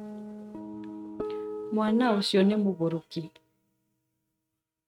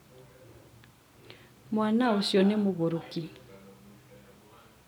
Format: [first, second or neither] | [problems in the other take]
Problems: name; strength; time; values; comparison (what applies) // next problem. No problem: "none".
second | noise reduction (neural mask model RNNoise)